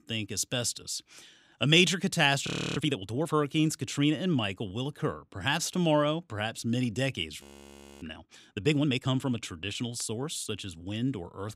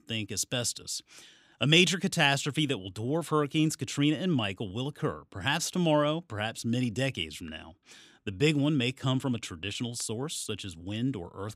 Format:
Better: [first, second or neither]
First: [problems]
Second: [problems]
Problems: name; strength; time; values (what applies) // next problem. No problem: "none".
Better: second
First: audio freezing; at 2.5 s and at 7.5 s for 0.5 s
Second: none